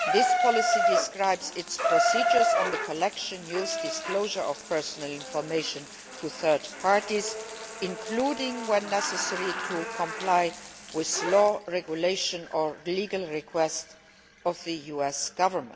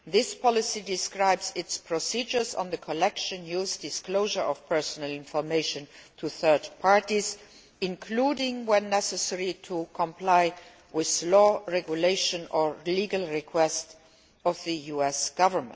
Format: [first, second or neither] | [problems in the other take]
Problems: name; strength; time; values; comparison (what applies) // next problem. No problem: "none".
second | background sound (Bathtub (filling or washing) / Water tap, faucet); 2 dB below the speech